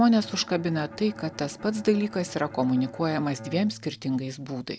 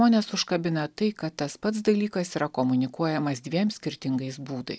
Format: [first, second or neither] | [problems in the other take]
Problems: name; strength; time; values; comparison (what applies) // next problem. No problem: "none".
second | background sound (Bowed string instrument); 17 dB below the speech